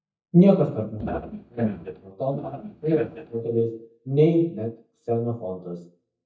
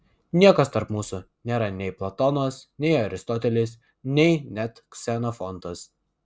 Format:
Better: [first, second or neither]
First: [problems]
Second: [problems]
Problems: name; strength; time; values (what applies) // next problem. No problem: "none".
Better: second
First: noise reduction (neural mask model DeepFilterNet 3)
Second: none